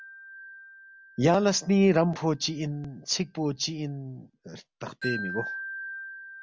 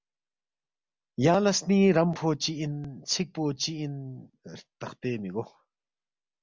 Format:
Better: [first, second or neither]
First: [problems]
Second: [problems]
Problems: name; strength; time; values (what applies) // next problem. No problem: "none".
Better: second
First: background sound (Wind chime); 13 dB below the speech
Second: none